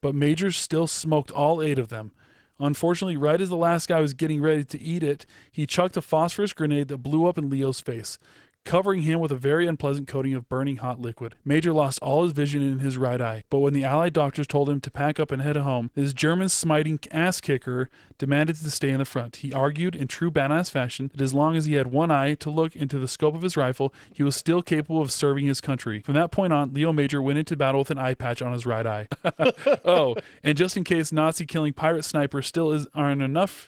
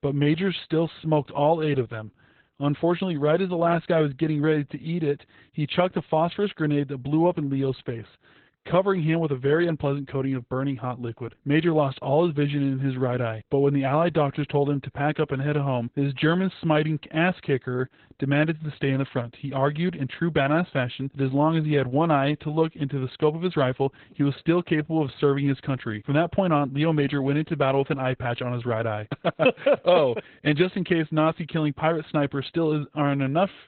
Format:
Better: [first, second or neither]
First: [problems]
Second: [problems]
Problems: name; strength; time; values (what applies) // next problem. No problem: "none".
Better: first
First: garbled, watery; slightly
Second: garbled, watery; badly; nothing above 4 kHz